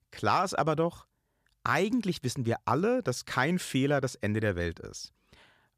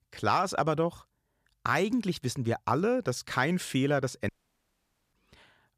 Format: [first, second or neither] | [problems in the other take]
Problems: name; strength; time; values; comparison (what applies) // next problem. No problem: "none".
first | audio cutting out; at 4.5 s for 1 s